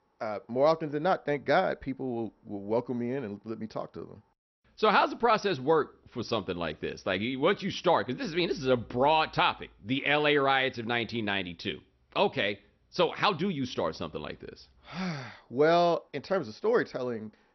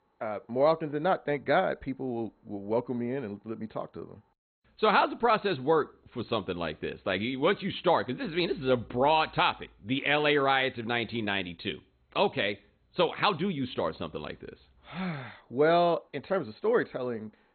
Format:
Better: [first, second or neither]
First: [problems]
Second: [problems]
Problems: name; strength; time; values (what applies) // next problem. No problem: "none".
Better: first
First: garbled, watery; slightly; nothing above 6 kHz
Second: garbled, watery; badly; nothing above 4 kHz